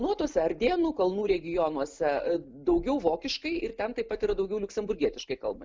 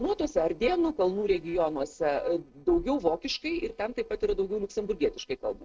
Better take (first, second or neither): first